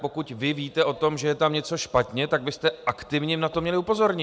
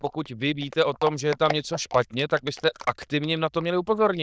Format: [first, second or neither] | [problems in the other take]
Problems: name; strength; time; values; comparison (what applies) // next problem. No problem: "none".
first | noise reduction (neural diffusion model UNIVERSE++)